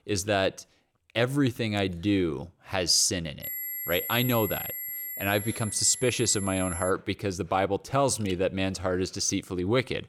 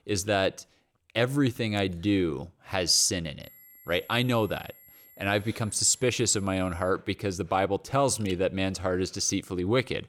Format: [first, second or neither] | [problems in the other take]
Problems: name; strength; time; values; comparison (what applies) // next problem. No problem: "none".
second | high-pitched whine; loud; from 3.5 to 7 s; 11.5 kHz, 7 dB below the speech; faint in the second